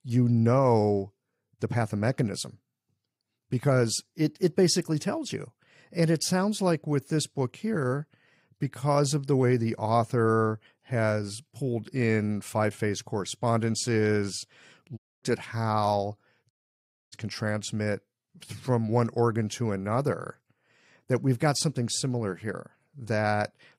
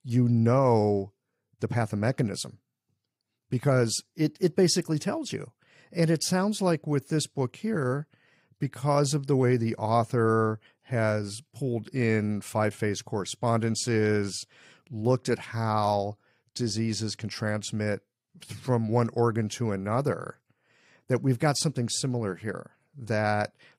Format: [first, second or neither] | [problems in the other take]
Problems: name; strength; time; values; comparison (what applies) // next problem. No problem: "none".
second | audio cutting out; at 15 s and at 17 s for 0.5 s